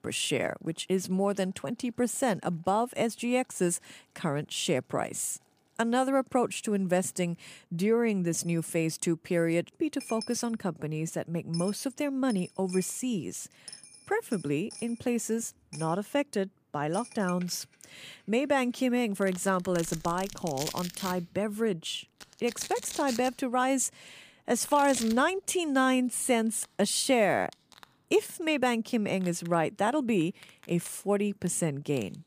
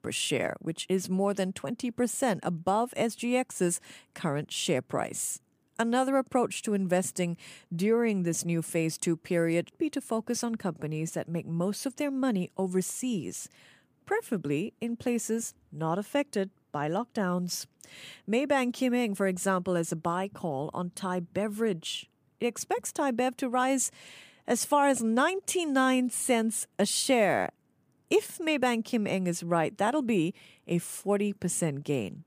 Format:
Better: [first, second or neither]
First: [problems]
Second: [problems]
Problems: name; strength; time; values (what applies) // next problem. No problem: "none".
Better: second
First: household noises; noticeable; throughout; 15 dB below the speech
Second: none